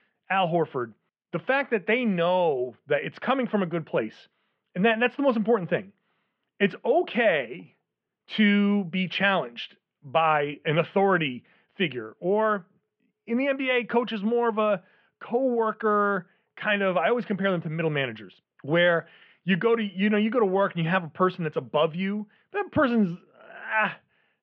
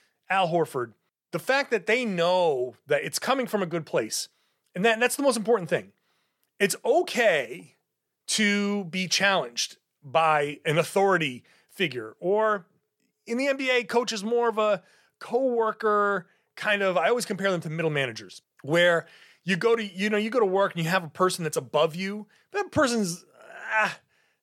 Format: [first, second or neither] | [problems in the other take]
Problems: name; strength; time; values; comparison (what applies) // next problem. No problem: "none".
second | muffled; very; fading above 3 kHz